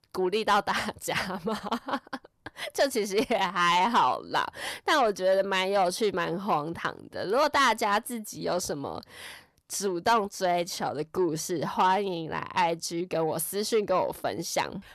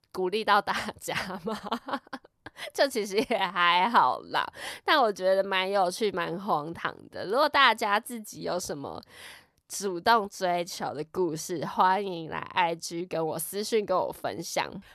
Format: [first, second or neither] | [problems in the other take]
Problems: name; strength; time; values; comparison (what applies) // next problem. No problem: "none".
second | distortion; slight; 10 dB below the speech